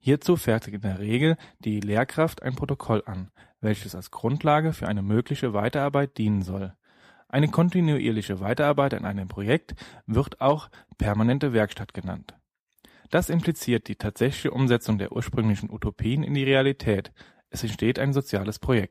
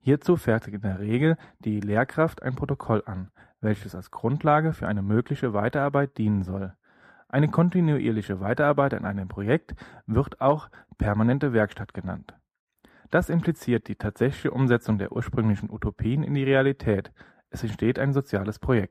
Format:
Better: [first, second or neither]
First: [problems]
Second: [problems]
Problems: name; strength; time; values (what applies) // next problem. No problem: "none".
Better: first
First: none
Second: muffled; slightly; fading above 2 kHz